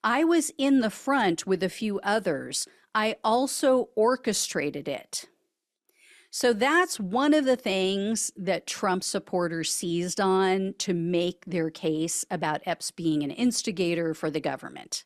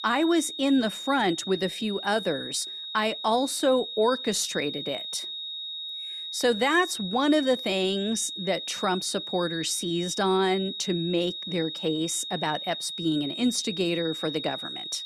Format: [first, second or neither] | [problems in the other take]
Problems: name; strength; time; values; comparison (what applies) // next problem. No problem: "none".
first | high-pitched whine; loud; throughout; 4 kHz, 7 dB below the speech